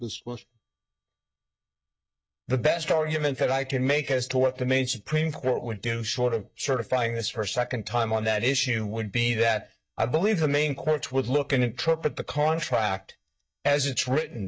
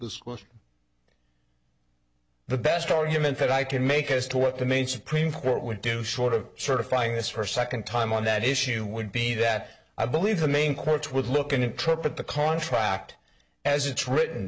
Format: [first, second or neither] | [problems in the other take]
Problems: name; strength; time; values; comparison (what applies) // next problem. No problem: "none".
second | noise reduction (neural mask model DeepFilterNet 3)